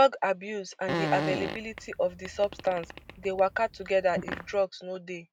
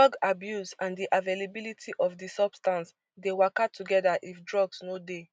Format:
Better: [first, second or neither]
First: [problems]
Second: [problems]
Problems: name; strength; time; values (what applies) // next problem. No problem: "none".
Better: second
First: background sound (Fart); 7 dB below the speech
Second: none